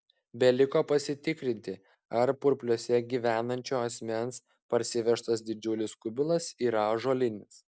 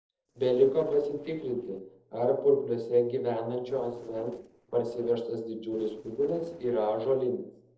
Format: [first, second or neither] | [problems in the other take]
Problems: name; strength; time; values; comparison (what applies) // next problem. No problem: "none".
first | noise reduction (neural separator model SepFormer DNS4)